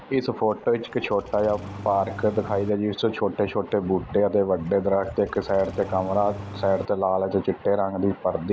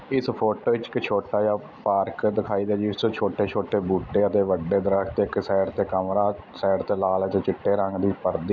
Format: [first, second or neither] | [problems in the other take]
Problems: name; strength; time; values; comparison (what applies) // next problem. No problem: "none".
second | background sound (Engine starting); 14 dB below the speech